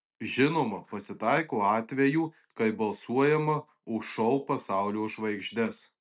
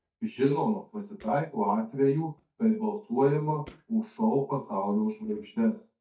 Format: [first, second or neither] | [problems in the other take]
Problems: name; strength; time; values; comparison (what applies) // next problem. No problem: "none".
first | noise reduction (neural mask model DeepFilterNet 3)